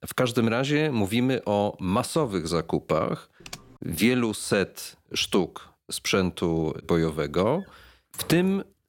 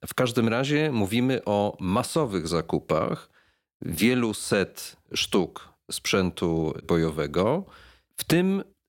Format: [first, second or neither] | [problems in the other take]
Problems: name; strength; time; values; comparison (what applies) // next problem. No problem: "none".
second | keyboard typing; faint; at 3.5 s; peak 15 dB below the speech // door banging; faint; from 7.5 s on; peak 20 dB below the speech